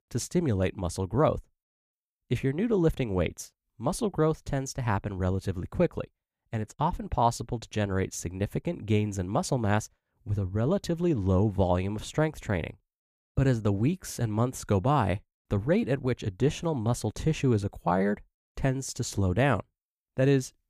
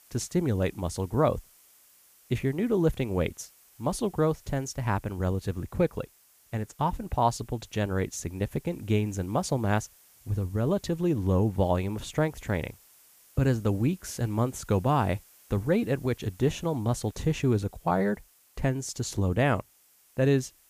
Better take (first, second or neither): first